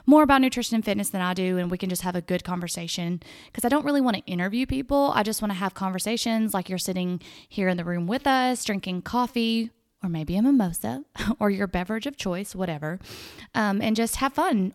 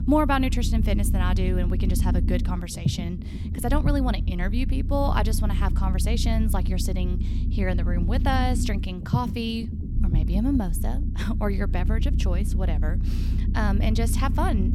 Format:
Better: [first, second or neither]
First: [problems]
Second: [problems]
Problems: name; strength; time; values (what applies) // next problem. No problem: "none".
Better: first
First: none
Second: low rumble; loud; throughout; 9 dB below the speech